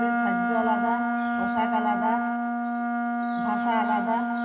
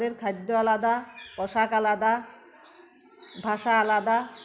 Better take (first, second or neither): second